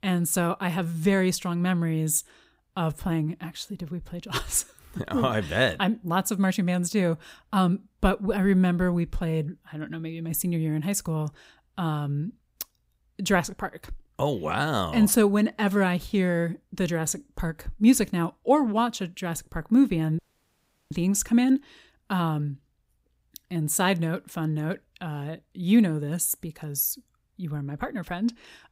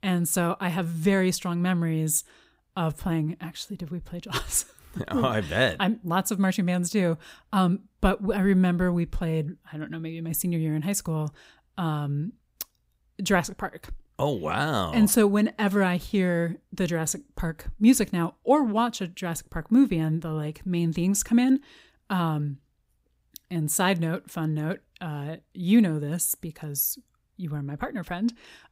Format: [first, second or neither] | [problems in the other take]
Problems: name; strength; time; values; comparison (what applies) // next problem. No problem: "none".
second | audio cutting out; at 20 s for 0.5 s